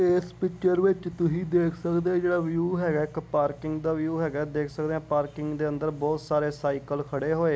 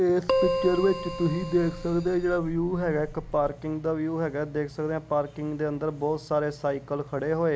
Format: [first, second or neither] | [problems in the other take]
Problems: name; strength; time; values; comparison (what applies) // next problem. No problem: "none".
first | background sound (Keyboard (musical)); 5 dB below the speech